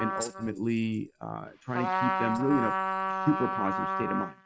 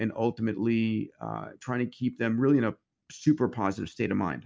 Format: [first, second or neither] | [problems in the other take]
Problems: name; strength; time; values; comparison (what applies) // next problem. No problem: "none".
second | noise reduction (neural mask model RNNoise)